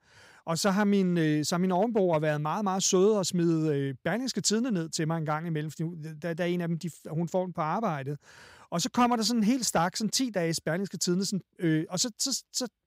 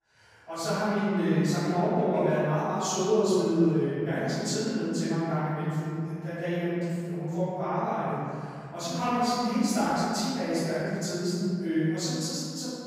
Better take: first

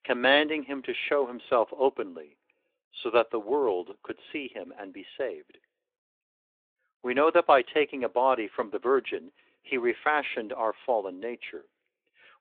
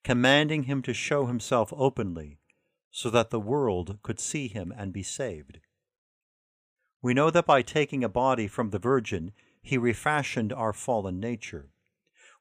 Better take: second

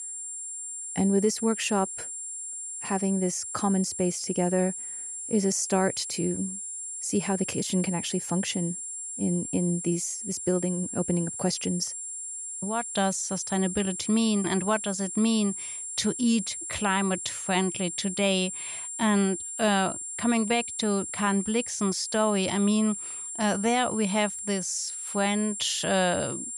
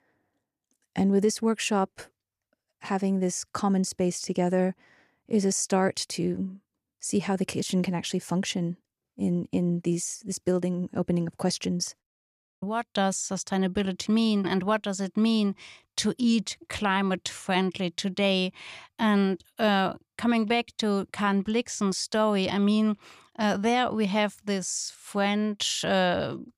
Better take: second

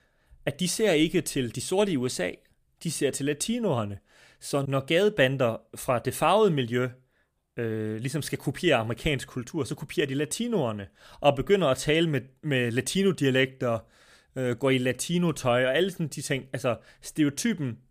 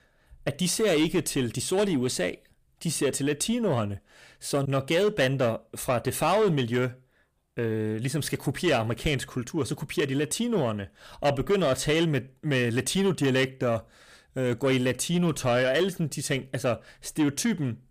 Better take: first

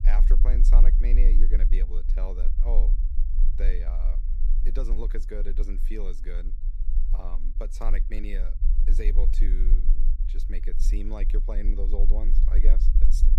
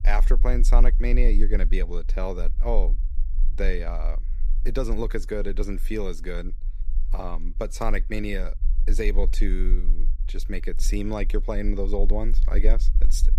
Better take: second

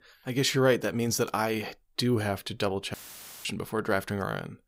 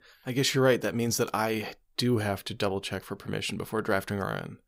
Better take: second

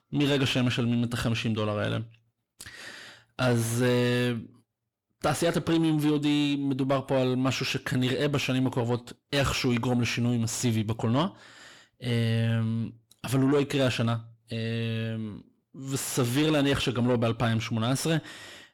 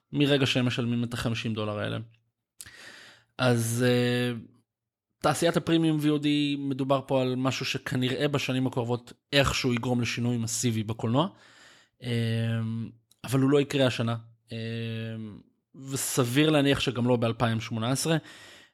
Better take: second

